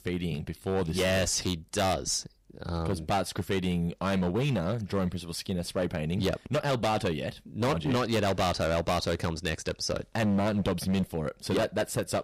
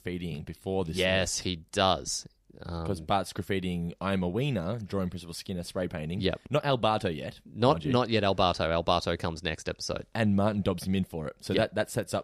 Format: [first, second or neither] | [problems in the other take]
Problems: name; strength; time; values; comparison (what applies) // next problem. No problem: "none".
second | distortion; heavy; 12% of the sound clipped